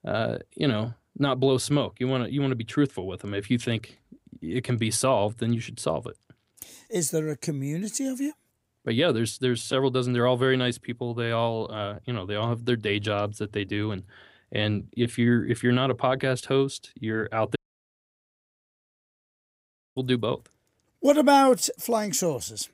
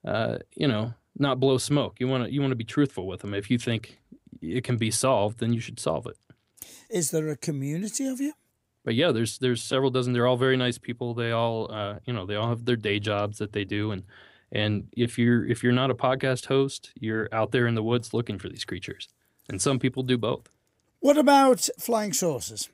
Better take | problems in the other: second | audio cutting out; at 18 s for 2.5 s

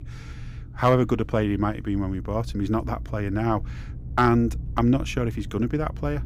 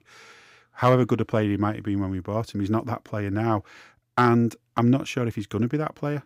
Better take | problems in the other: second | low rumble; faint; throughout; 25 dB below the speech

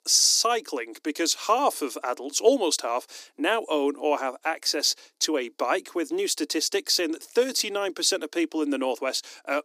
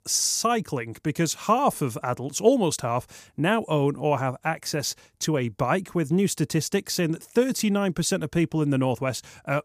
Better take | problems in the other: second | thin; somewhat; fading below 300 Hz

